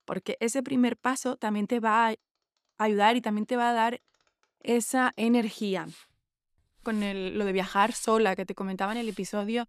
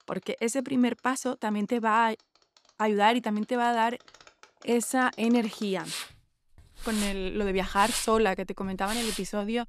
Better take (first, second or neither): first